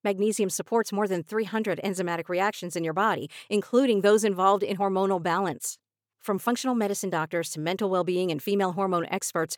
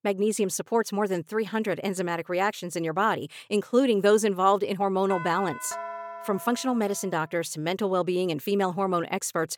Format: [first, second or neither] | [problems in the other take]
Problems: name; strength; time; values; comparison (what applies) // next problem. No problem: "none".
first | doorbell; noticeable; from 5 to 7 s; peak 9 dB below the speech